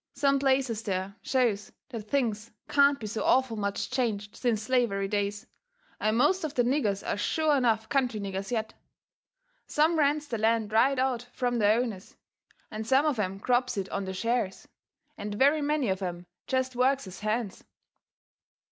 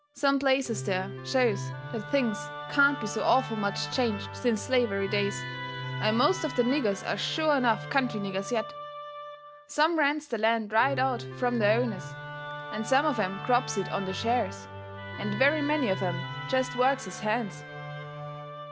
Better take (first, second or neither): first